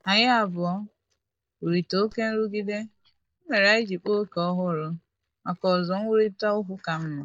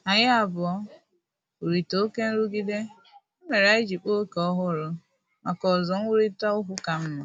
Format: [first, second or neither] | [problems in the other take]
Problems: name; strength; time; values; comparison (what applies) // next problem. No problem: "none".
second | noise reduction (neural mask model DeepFilterNet 3)